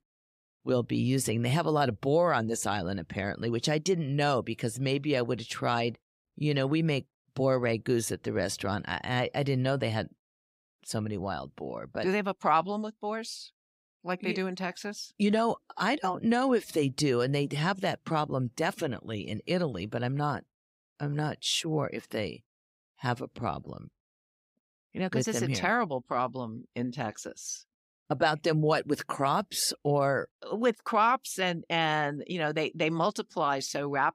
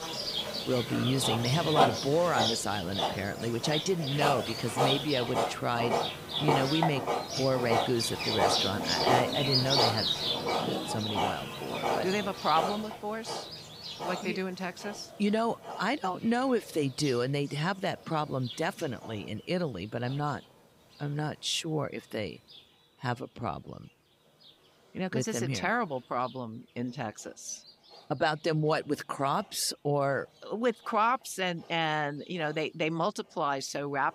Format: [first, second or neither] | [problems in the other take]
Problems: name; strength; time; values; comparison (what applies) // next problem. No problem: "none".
first | animal sounds; very loud; throughout; 1 dB above the speech